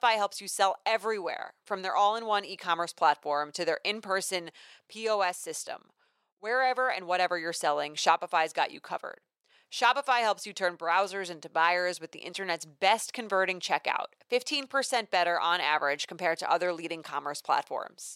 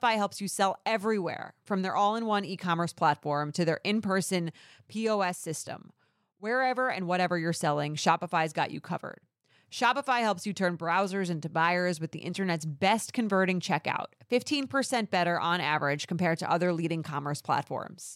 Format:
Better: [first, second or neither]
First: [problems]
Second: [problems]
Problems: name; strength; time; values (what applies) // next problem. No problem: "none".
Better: second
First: thin; very; fading below 550 Hz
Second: none